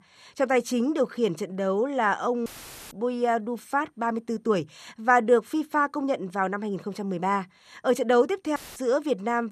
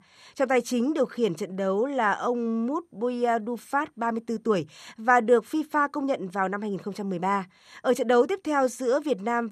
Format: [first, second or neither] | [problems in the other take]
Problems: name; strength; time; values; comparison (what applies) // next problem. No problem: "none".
second | audio cutting out; filled with static; at 2.5 s and at 8.5 s